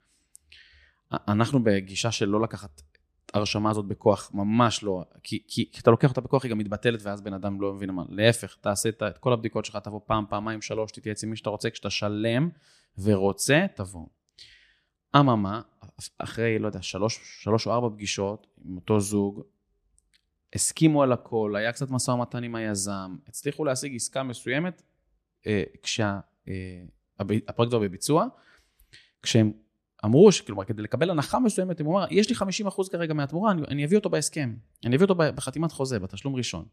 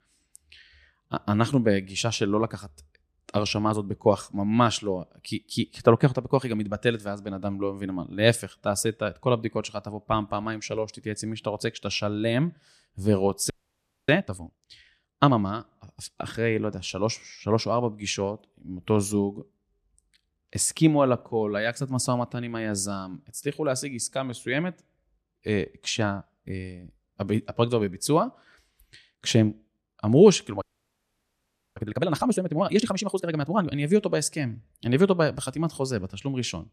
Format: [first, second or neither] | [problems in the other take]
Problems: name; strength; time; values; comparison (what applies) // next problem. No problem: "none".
first | audio freezing; at 14 s for 0.5 s and at 31 s for 1 s